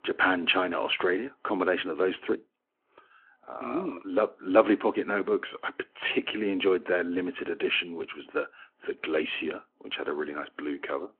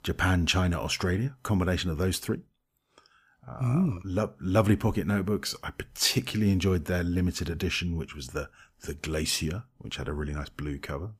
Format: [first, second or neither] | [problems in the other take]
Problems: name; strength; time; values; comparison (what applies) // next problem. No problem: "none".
second | phone-call audio